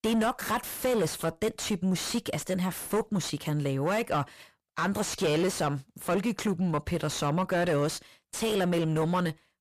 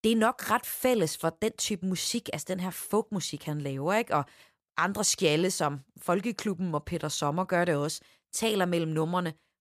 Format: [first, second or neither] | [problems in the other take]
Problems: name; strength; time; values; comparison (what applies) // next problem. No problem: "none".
second | distortion; heavy; 6 dB below the speech